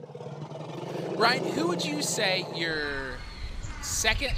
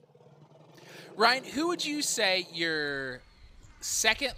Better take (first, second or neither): second